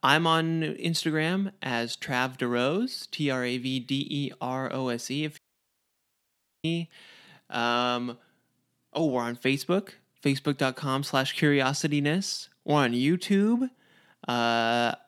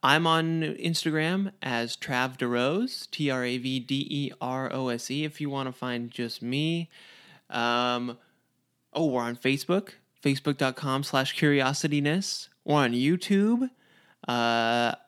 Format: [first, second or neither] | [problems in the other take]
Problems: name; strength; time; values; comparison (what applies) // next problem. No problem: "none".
second | audio cutting out; at 5.5 s for 1.5 s